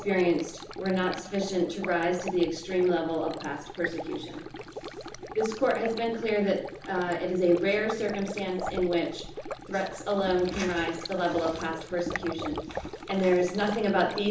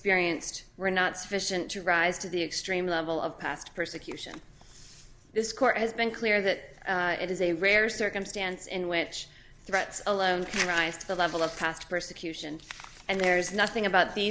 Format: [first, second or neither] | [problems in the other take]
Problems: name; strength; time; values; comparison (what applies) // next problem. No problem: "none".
second | background sound (Stream); 10 dB below the speech // room echo; dies away in 1.2 s